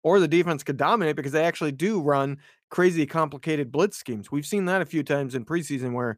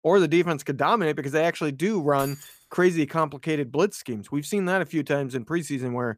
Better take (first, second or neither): first